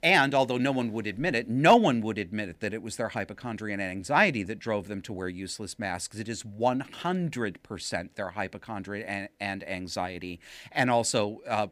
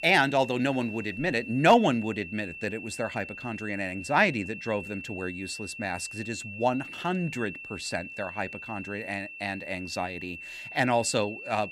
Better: first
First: none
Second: high-pitched whine; noticeable; throughout; 2.5 kHz, 10 dB below the speech

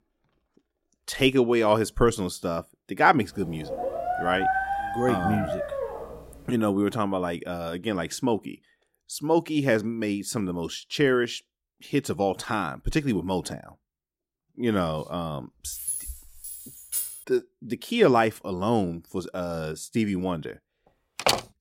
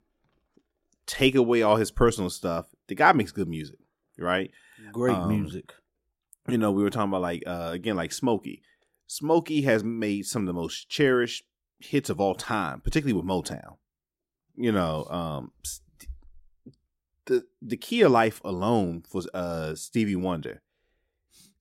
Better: second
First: dog barking; loud; from 3.5 to 6 s; peak 1 dB above the speech // jangling keys; noticeable; from 16 to 17 s; peak 3 dB below the speech // door banging; loud; at 21 s; peak 2 dB above the speech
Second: none

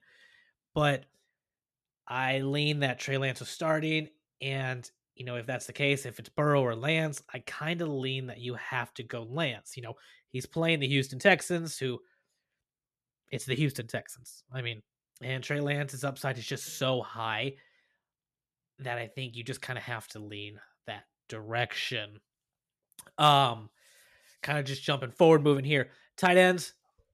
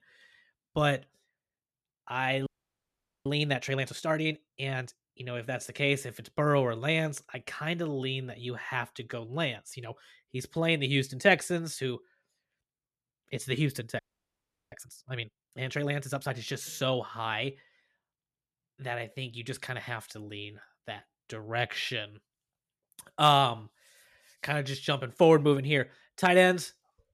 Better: first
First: none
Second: audio freezing; at 2.5 s for 1 s and at 14 s for 0.5 s

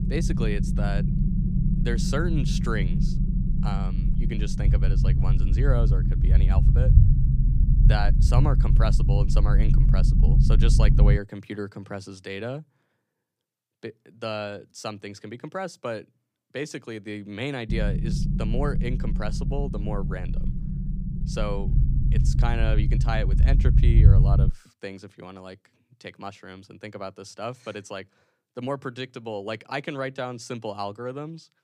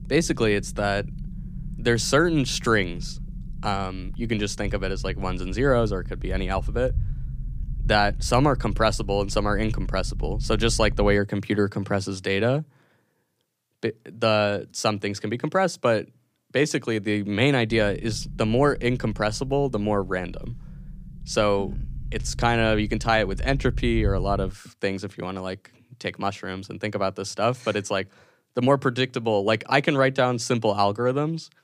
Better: second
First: low rumble; loud; until 11 s and from 18 to 24 s; 3 dB below the speech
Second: low rumble; faint; until 11 s and from 18 to 24 s; 25 dB below the speech

